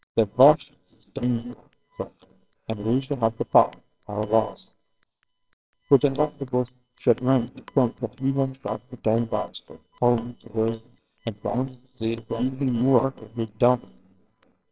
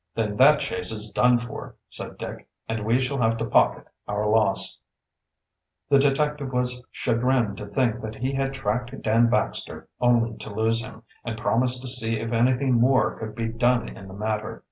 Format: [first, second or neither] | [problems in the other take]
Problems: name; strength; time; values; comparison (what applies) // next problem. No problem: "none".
second | noise reduction (neural separator model SepFormer WHAMR!)